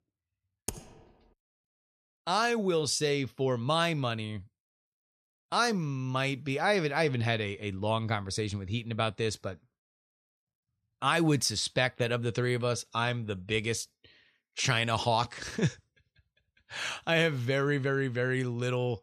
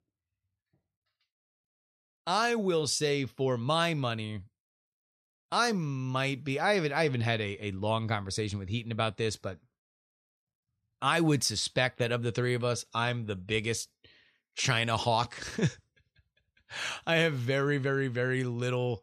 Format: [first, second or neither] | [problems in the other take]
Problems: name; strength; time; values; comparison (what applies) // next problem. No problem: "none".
second | keyboard typing; faint; at 0.5 s; peak 10 dB below the speech